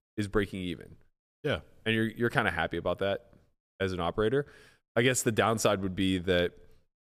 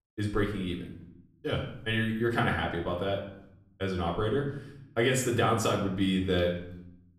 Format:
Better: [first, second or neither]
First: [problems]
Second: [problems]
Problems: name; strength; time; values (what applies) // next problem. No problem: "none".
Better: first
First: none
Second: off-mic speech; far // room echo; slight; dies away in 0.7 s